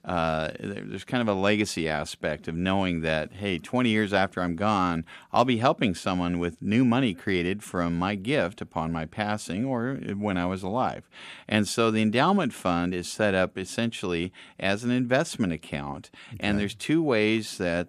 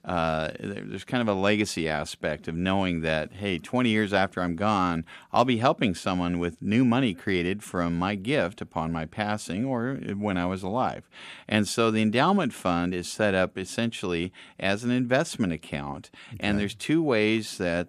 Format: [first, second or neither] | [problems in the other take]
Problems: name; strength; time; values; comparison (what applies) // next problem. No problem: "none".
neither | none